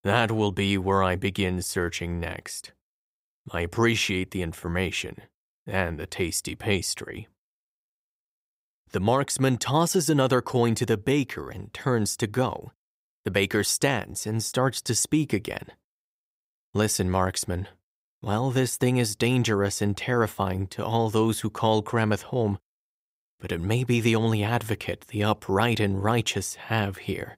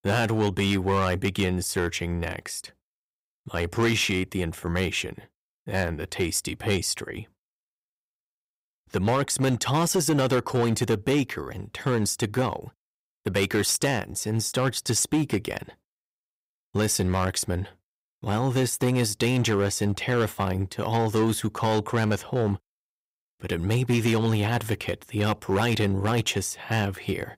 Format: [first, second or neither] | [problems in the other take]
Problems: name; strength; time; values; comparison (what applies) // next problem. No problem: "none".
first | distortion; slight; 6% of the sound clipped